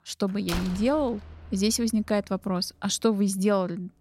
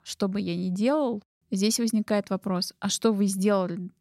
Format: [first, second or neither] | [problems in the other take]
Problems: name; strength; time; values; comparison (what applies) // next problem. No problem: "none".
second | door banging; noticeable; until 2 s; peak 7 dB below the speech